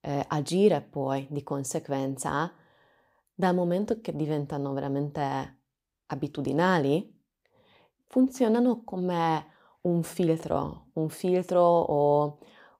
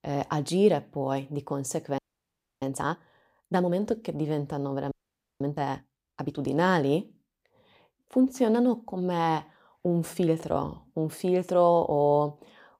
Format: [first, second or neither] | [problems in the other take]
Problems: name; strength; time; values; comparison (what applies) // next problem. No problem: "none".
first | audio freezing; at 2 s for 0.5 s and at 5 s